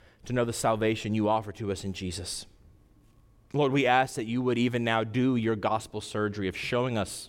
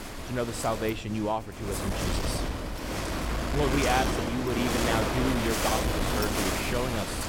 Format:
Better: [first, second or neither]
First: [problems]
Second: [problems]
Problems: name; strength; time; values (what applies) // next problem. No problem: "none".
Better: first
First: none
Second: wind noise on the microphone; heavy; 1 dB above the speech